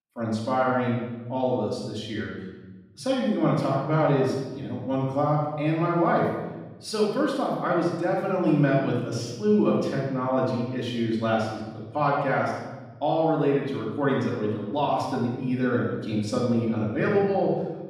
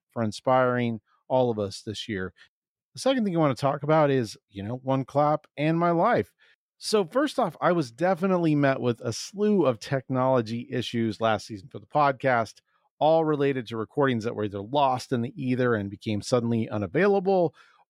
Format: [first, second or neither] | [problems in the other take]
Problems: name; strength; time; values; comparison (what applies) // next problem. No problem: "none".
second | off-mic speech; far // room echo; noticeable; dies away in 1.1 s